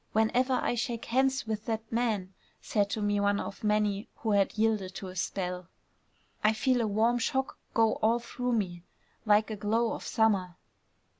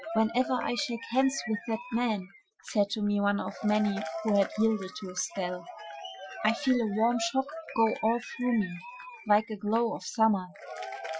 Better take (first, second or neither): first